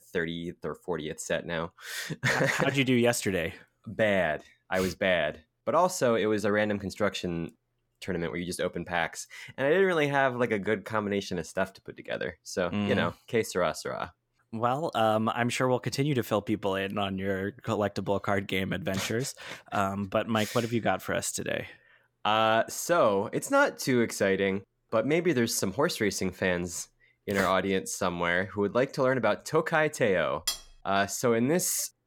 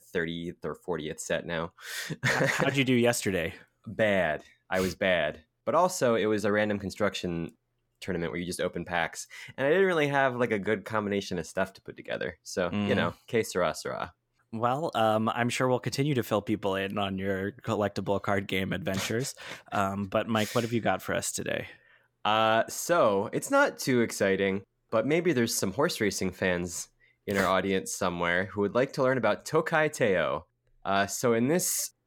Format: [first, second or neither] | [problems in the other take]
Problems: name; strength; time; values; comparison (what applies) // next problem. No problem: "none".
second | clattering dishes; noticeable; at 30 s; peak 4 dB below the speech